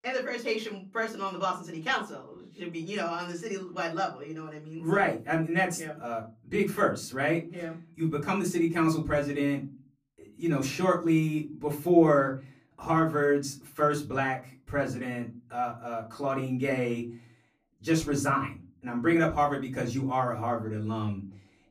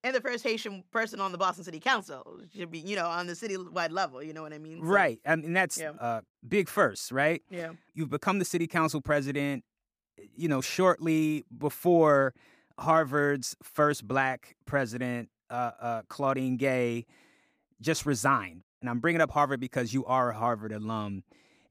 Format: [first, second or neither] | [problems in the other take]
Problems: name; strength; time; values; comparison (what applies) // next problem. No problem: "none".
second | off-mic speech; far // room echo; very slight; dies away in 0.3 s